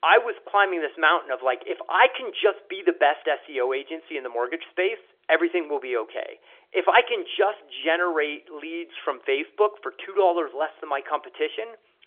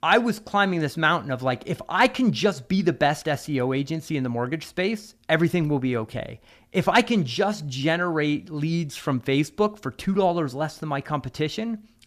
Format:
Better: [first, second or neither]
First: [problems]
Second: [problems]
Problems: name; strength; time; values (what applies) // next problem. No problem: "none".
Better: second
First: phone-call audio; nothing above 3.5 kHz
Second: none